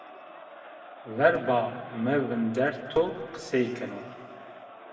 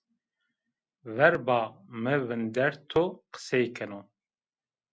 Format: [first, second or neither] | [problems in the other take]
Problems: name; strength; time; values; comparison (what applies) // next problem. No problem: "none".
second | background sound (Crowd); 17 dB below the speech // room echo; dies away in 1.9 s